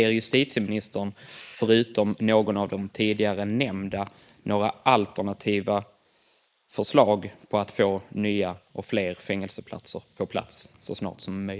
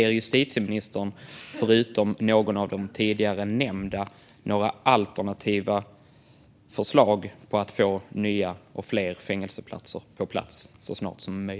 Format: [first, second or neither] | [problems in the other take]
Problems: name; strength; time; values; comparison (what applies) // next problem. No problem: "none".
second | noise reduction (neural mask model Resemble Enhance denoiser)